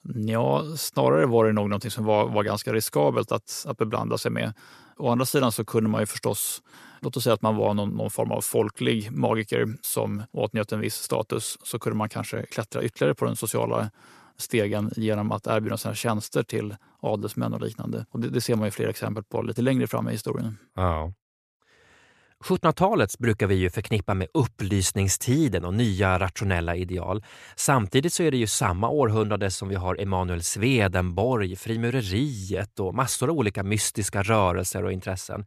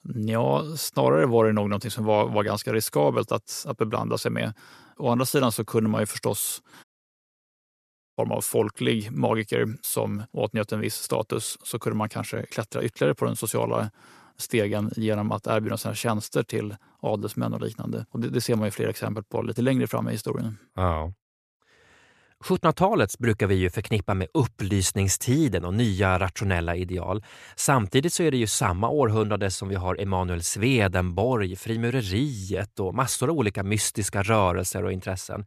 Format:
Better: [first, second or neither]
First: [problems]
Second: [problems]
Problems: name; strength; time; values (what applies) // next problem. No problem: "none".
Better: first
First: none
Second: audio cutting out; at 7 s for 1.5 s